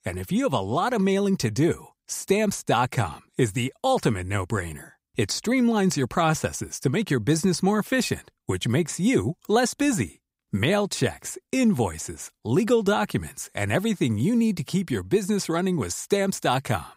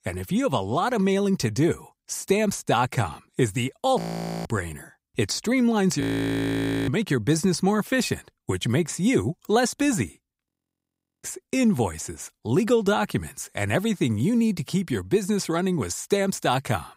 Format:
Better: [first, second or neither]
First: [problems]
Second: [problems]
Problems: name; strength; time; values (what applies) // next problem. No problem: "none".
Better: first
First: none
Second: audio freezing; at 4 s, at 6 s for 1 s and at 10 s for 0.5 s